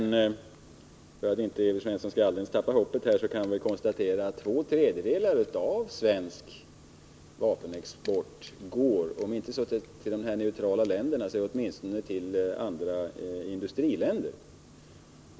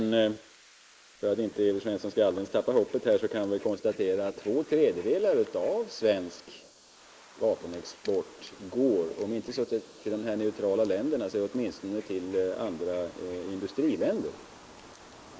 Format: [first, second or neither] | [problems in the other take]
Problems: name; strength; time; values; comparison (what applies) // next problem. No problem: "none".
first | noise reduction (neural mask model Resemble Enhance denoiser)